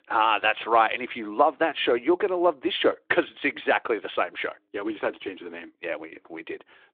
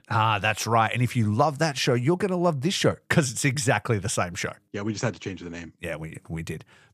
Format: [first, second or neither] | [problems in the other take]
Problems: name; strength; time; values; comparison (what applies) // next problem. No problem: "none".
second | phone-call audio